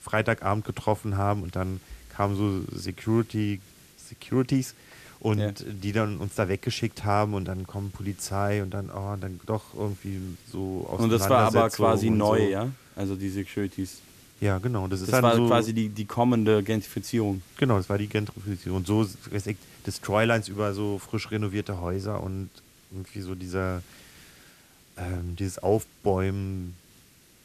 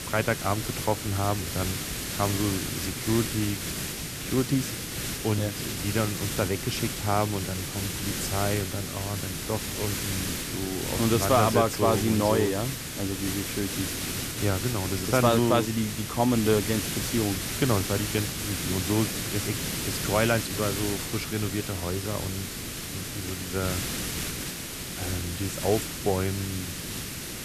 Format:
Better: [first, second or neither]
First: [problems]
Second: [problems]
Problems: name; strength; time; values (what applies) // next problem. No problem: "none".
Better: first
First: hiss; faint; throughout; 25 dB below the speech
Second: hiss; loud; throughout; 3 dB below the speech